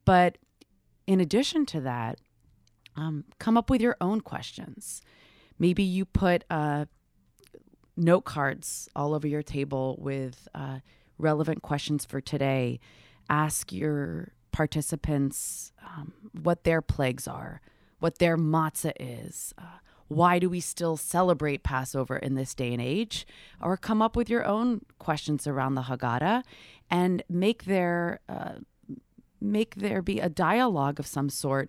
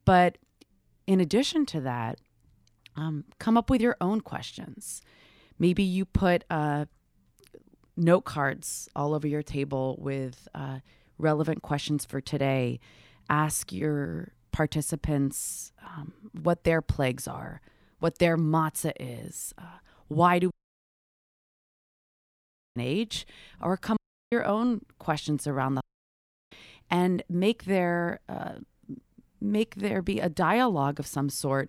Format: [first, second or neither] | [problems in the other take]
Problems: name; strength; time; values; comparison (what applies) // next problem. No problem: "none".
first | audio cutting out; at 21 s for 2.5 s, at 24 s and at 26 s for 0.5 s